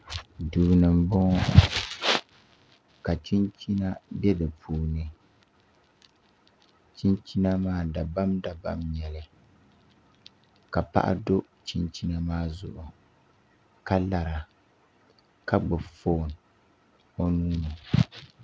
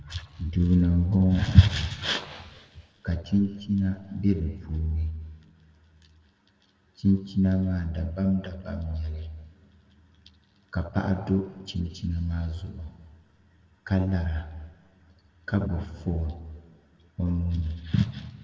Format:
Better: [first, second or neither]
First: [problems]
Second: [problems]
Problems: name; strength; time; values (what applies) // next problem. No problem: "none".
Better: first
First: none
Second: room echo; dies away in 1.7 s